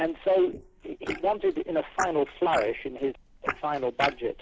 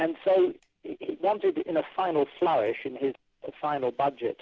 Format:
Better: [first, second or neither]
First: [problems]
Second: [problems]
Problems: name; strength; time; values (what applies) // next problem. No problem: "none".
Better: second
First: noise reduction (neural mask model Resemble Enhance denoiser)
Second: none